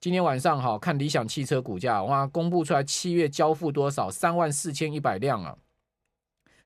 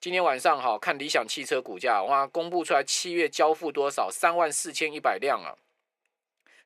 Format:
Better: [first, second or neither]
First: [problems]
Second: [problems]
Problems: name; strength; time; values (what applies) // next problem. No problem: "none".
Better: first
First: none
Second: thin; very; fading below 400 Hz